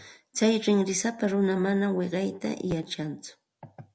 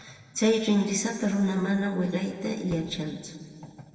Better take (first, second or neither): first